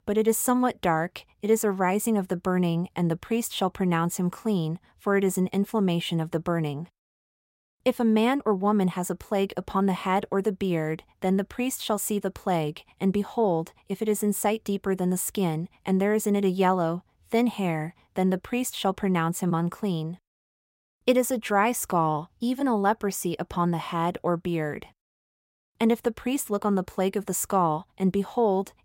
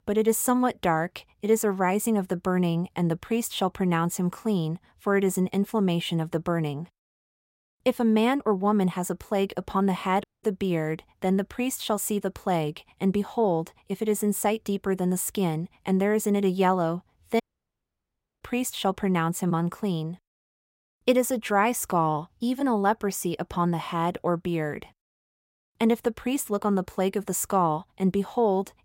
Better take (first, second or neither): first